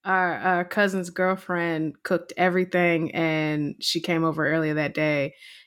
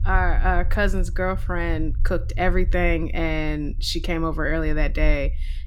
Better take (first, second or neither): first